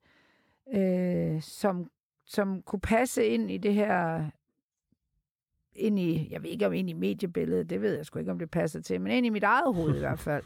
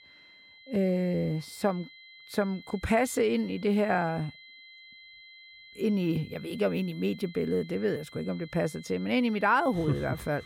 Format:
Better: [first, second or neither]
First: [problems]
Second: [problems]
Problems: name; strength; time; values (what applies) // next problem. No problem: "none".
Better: first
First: none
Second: high-pitched whine; noticeable; throughout; 2 kHz, 20 dB below the speech